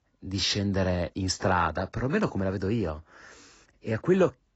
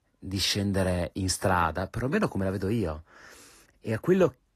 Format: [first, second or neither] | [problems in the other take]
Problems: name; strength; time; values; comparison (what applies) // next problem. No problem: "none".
second | garbled, watery; badly; nothing above 8 kHz; slightly in the second